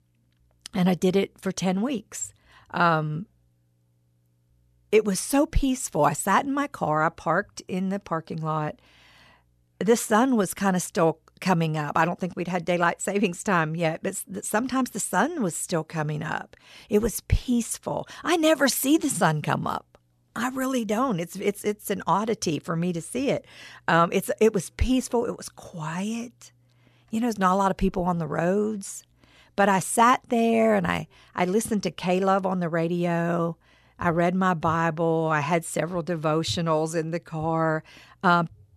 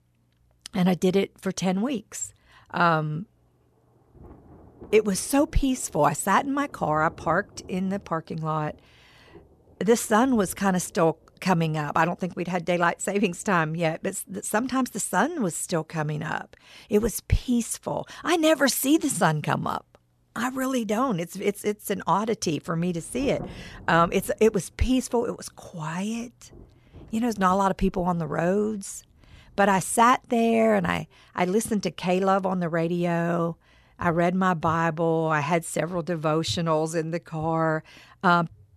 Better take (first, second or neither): first